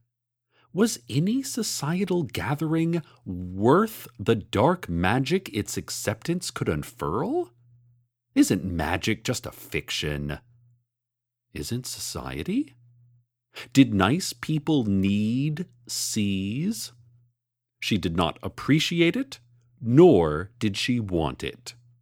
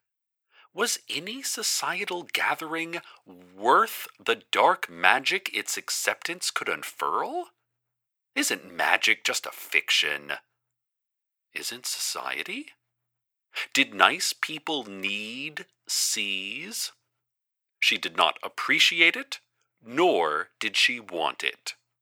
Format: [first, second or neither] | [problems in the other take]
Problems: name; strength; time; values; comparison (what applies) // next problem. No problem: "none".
first | thin; very; fading below 750 Hz